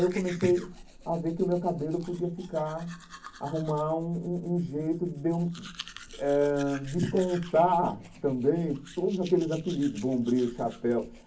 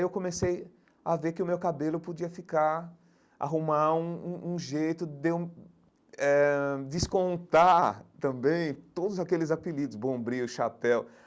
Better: second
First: background sound (Domestic sounds, home sounds); 19 dB below the speech // room echo; dies away in 0.3 s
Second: none

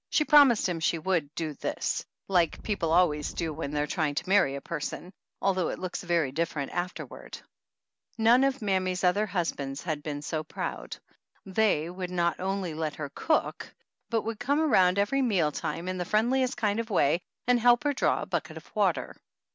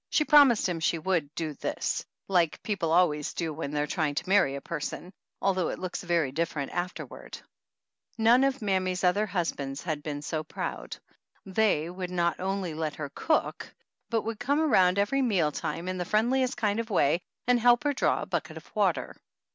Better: second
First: background sound (Wind); 15 dB below the speech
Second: none

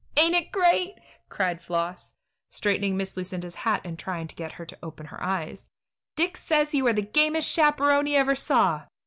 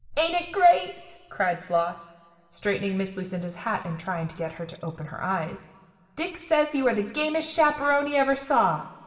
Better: first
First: none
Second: room echo; dies away in 2.3 s

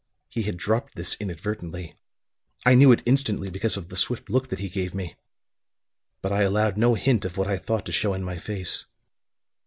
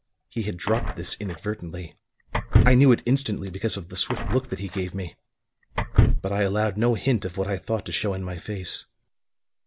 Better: first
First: none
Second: background sound (Door / Car); as loud as the speech

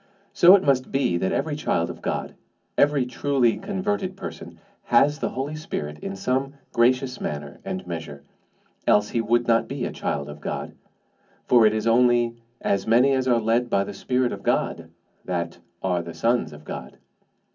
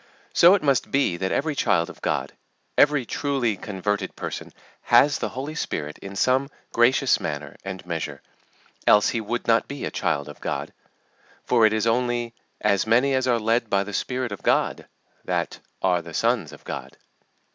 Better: second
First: room echo; dies away in 0.3 s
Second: none

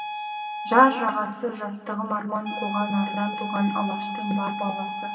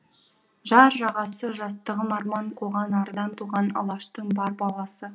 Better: second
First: background sound (Wind instrument, woodwind instrument); 7 dB below the speech // room echo; dies away in 1.8 s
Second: none

